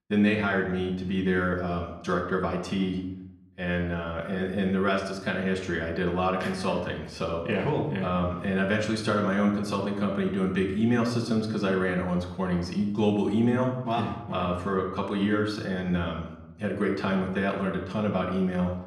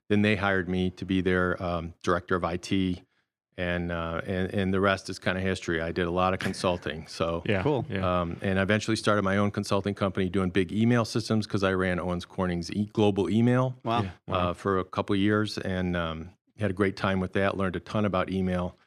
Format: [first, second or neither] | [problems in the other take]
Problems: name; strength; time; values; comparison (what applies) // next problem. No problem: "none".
second | off-mic speech; far // room echo; slight; dies away in 0.7 s